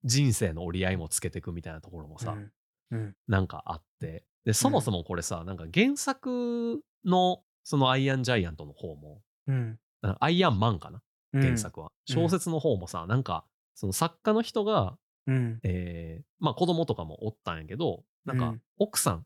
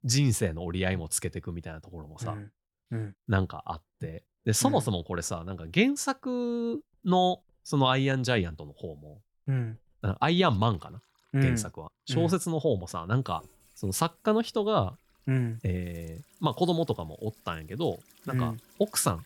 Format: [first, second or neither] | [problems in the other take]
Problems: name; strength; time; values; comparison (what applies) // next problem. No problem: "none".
first | household noises; faint; throughout; 30 dB below the speech